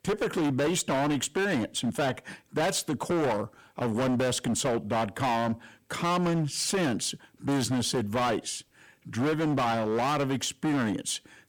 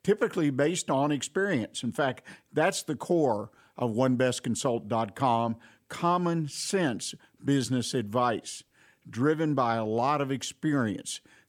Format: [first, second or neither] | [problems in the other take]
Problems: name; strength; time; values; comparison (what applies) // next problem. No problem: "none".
second | distortion; heavy; 22% of the sound clipped